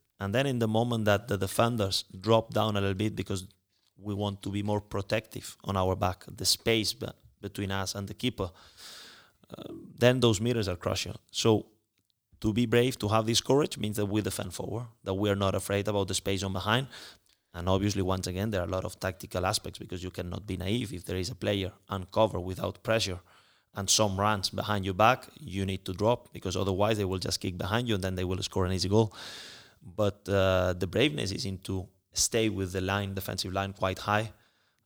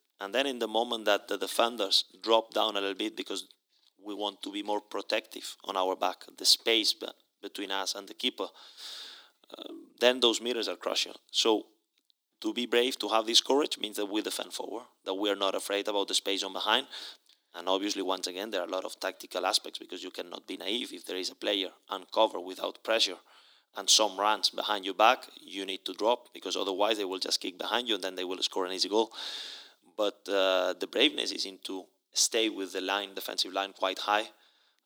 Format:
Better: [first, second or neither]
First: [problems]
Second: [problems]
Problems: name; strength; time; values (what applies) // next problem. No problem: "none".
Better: first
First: none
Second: thin; somewhat; fading below 300 Hz